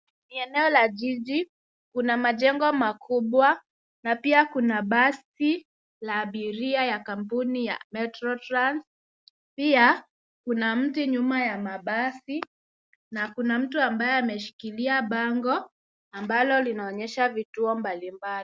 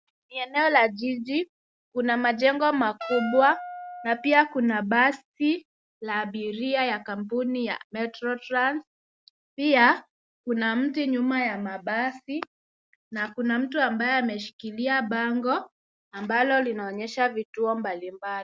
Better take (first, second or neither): first